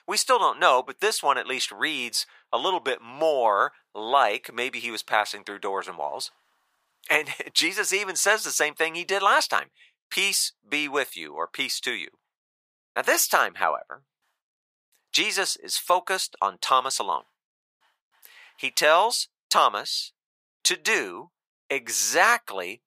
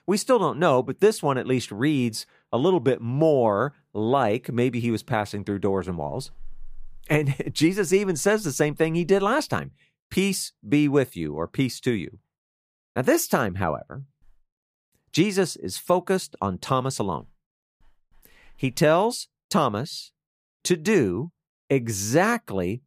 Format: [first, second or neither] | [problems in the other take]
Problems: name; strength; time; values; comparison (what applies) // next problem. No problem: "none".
second | thin; very; fading below 950 Hz